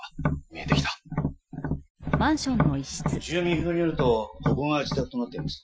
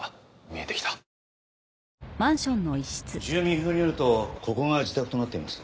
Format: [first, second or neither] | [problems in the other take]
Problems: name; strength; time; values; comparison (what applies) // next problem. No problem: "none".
second | noise reduction (classical method Wiener filter)